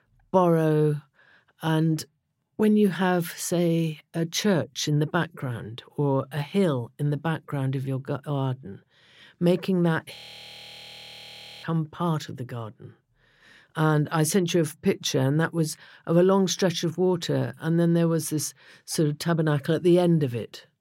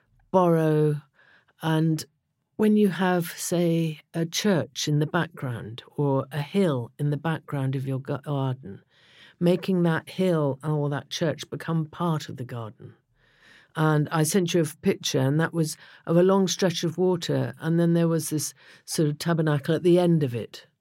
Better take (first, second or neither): second